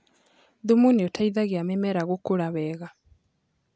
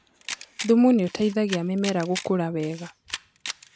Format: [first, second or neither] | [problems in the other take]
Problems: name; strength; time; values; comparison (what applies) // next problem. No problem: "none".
first | background sound (Camera); 14 dB below the speech